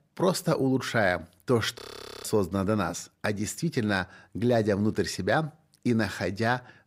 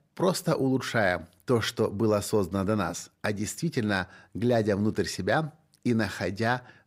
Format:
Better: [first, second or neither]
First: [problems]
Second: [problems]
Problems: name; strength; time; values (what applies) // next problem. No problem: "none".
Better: second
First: audio freezing; at 2 s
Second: none